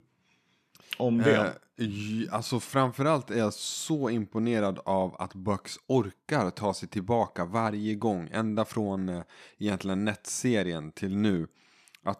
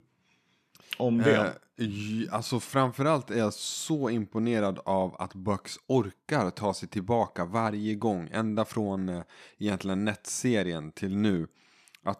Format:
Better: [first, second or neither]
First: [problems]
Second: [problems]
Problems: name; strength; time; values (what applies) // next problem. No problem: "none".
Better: neither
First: none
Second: none